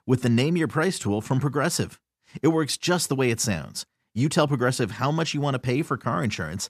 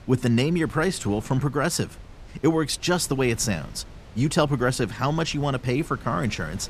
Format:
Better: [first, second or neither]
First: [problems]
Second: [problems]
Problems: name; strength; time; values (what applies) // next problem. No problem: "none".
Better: first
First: none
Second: wind noise on the microphone; occasional gusts; 25 dB below the speech